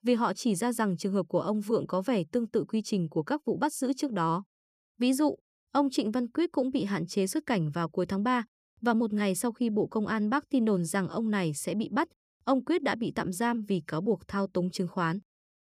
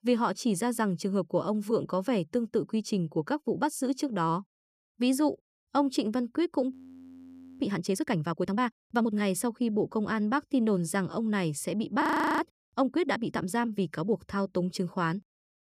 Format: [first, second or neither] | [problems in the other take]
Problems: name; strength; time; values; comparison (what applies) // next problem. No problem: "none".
first | audio freezing; at 6.5 s for 1 s and at 12 s